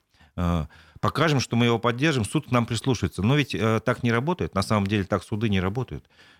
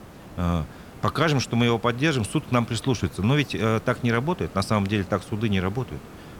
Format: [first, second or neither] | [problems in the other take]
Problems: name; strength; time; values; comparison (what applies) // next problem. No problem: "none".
first | hiss; noticeable; throughout; 20 dB below the speech